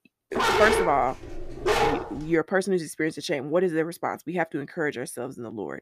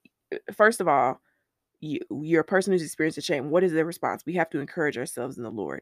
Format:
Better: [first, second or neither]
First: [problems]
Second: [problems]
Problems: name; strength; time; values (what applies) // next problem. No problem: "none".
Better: second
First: dog barking; loud; until 2.5 s; peak 5 dB above the speech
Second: none